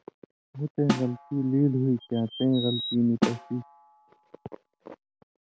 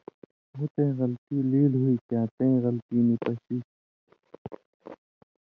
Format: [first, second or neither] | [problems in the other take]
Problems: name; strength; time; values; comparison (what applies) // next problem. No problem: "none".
second | background sound (Bird vocalization, bird call, bird song + Snare drum); 6 dB below the speech